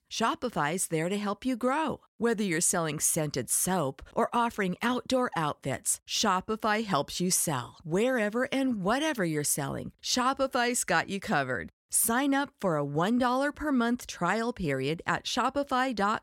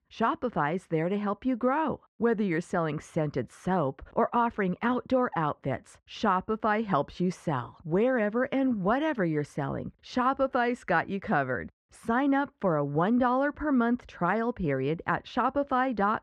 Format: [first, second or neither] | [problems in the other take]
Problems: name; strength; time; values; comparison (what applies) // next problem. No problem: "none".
first | muffled; very; fading above 1.5 kHz